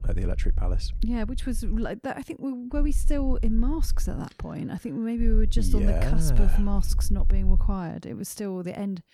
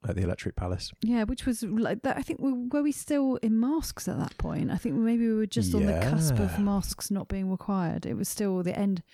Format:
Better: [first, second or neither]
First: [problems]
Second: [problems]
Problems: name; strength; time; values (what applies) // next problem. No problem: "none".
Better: second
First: low rumble; noticeable; until 2 s, from 2.5 to 4 s and from 5 to 7.5 s; 15 dB below the speech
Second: none